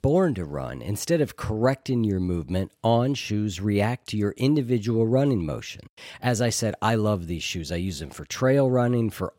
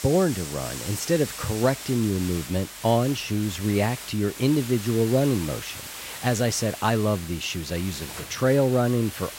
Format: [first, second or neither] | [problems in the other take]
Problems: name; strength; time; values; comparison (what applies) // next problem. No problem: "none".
first | hiss; noticeable; throughout; 10 dB below the speech